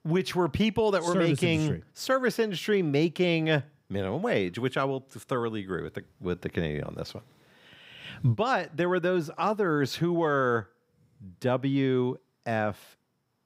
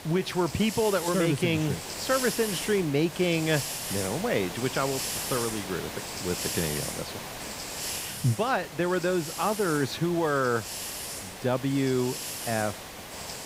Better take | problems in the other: first | hiss; loud; throughout; 6 dB below the speech

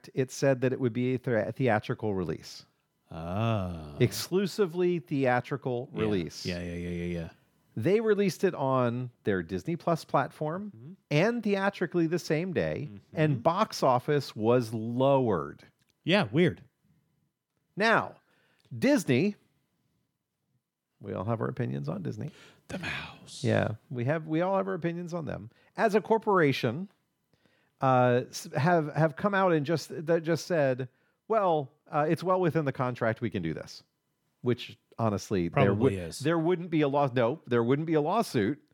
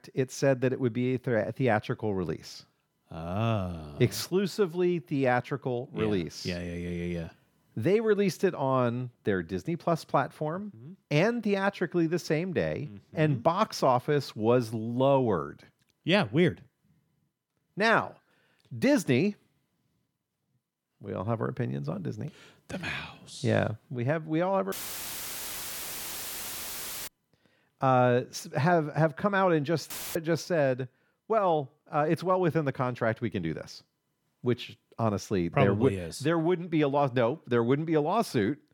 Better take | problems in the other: first | audio cutting out; filled with static; at 25 s for 2.5 s and at 30 s

